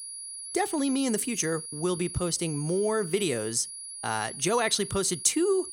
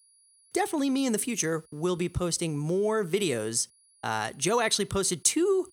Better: second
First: high-pitched whine; loud; throughout; 10.5 kHz, 9 dB below the speech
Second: high-pitched whine; faint; throughout; 10.5 kHz, 30 dB below the speech

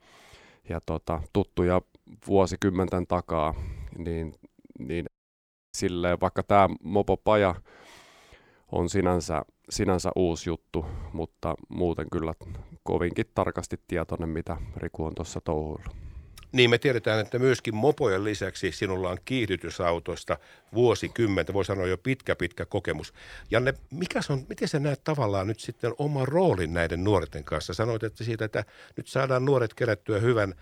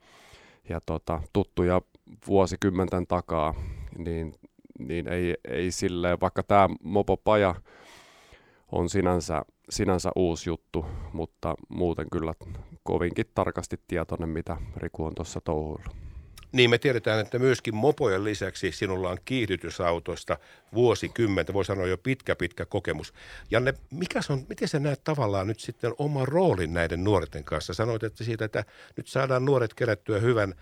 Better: second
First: audio cutting out; at 5 s for 0.5 s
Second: none

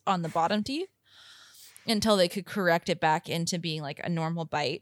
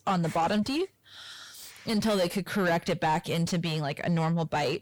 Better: first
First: none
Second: distortion; heavy; 6 dB below the speech

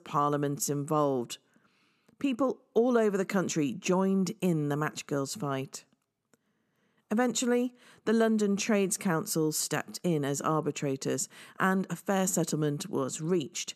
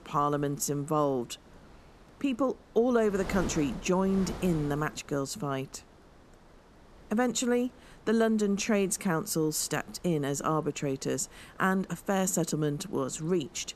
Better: first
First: none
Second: wind noise on the microphone; occasional gusts; 20 dB below the speech

